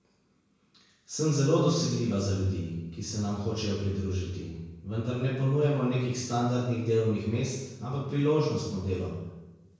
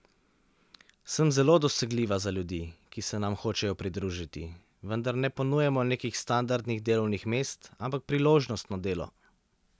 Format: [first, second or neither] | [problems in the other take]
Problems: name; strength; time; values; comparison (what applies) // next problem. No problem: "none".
second | room echo; dies away in 0.9 s